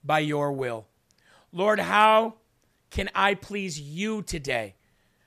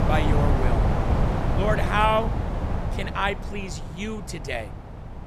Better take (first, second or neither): first